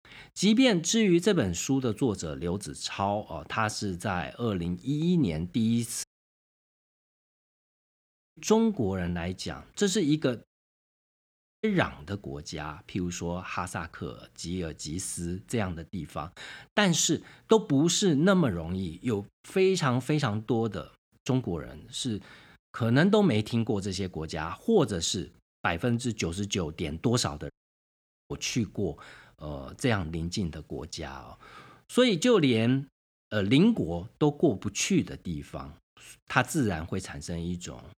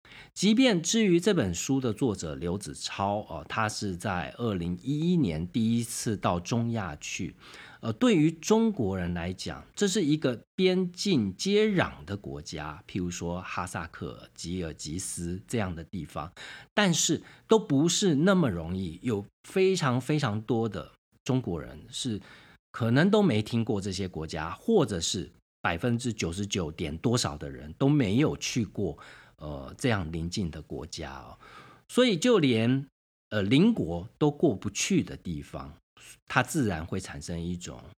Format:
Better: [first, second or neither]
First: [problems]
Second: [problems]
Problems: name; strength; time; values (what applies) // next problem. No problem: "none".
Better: second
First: audio cutting out; at 6 s for 2.5 s, at 10 s for 1 s and at 28 s for 1 s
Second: none